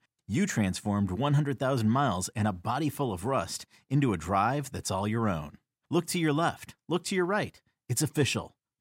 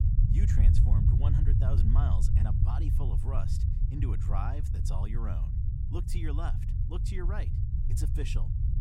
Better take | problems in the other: first | low rumble; loud; throughout; as loud as the speech

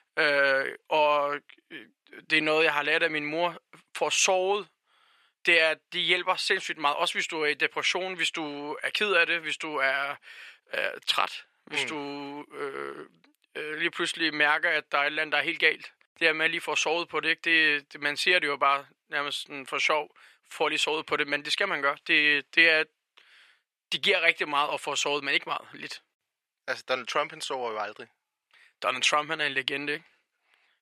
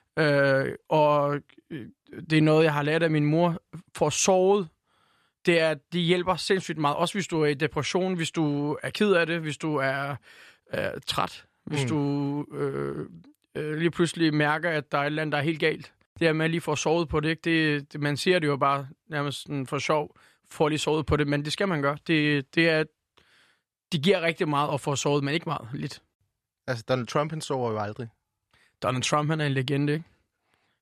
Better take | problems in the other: second | thin; very; fading below 500 Hz

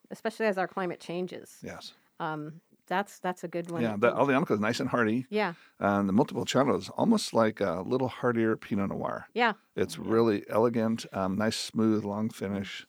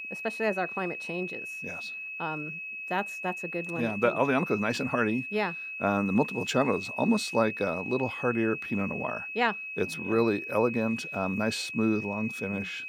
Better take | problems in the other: first | high-pitched whine; loud; throughout; 2.5 kHz, 6 dB below the speech

